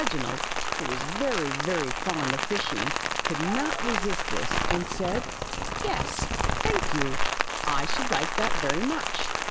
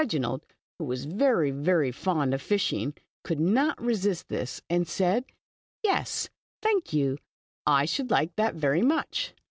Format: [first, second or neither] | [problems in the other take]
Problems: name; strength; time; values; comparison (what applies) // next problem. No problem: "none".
second | background sound (Rain); 4 dB above the speech